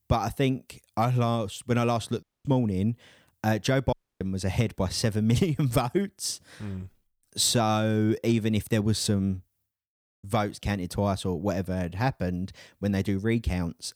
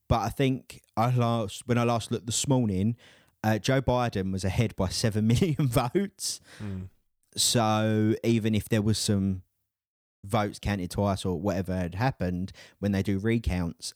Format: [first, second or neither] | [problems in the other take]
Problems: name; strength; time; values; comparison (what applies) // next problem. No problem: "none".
second | audio cutting out; at 2 s and at 4 s